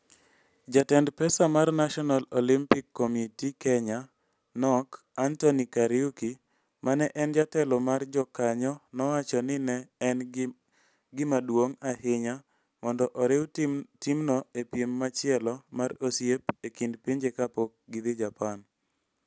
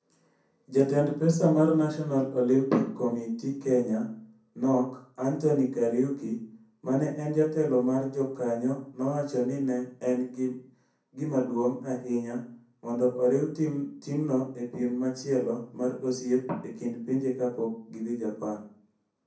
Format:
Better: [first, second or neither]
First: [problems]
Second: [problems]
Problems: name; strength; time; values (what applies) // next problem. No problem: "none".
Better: first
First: none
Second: room echo; dies away in 0.6 s